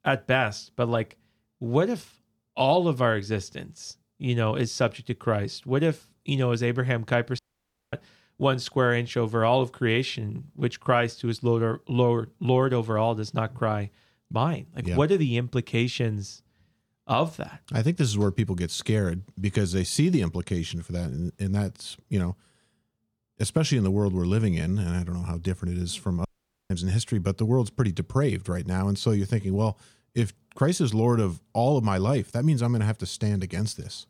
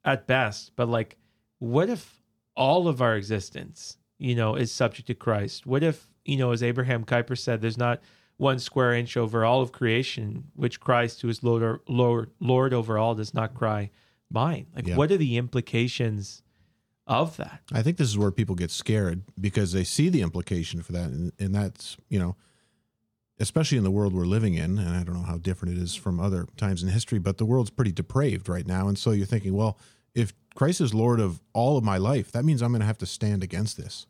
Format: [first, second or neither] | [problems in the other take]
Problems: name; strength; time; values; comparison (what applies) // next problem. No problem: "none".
second | audio cutting out; at 7.5 s for 0.5 s and at 26 s